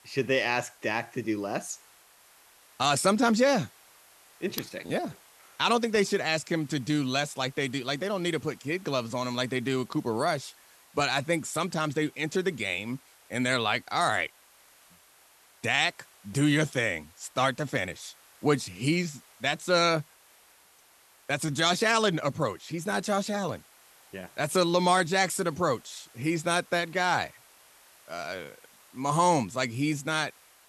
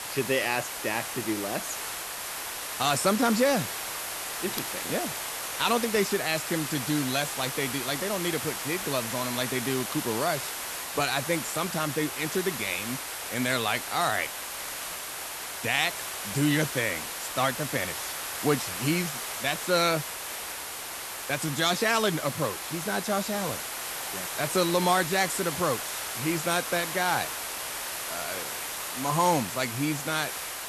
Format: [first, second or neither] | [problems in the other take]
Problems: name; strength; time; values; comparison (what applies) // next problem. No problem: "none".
first | hiss; loud; throughout; 4 dB below the speech; faint in the first